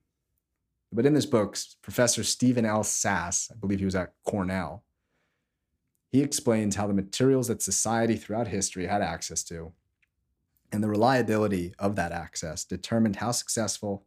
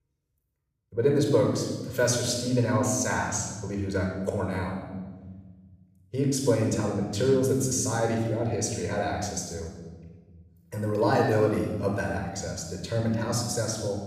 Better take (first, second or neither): first